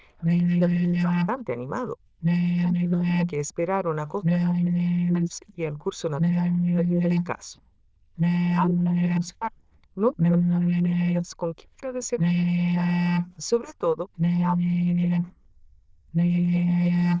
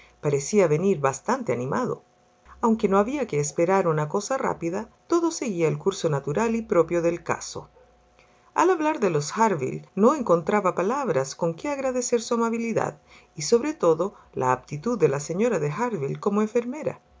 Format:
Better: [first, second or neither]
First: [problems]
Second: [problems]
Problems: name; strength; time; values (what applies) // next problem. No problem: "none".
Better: second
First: noise reduction (neural diffusion model UNIVERSE++)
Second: none